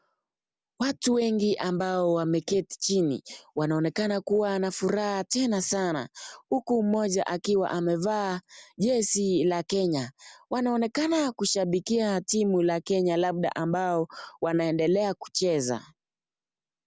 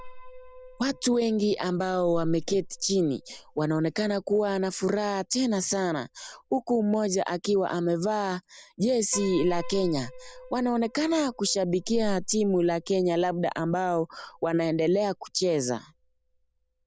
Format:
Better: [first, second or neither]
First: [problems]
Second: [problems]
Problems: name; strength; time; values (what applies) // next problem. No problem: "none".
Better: first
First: none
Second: background sound (Piano); 15 dB below the speech